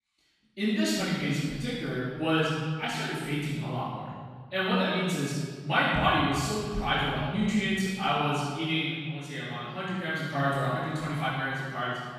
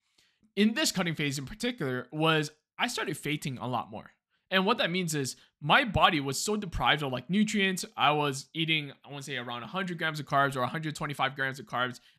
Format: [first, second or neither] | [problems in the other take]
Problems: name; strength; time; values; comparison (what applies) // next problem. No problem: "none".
second | off-mic speech; far // room echo; strong; dies away in 1.7 s